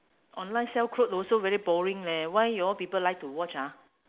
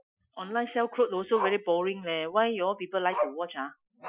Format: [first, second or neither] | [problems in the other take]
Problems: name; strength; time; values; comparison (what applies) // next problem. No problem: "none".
first | noise reduction (classical method Wiener filter)